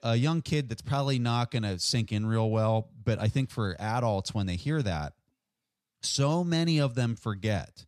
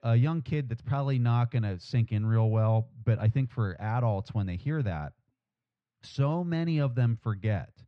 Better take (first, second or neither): first